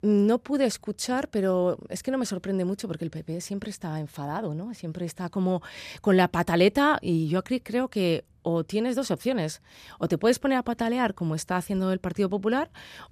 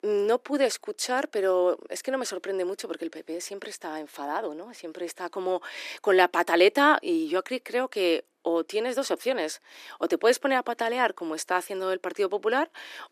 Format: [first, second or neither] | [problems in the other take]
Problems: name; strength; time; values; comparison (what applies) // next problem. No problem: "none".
first | thin; somewhat; fading below 300 Hz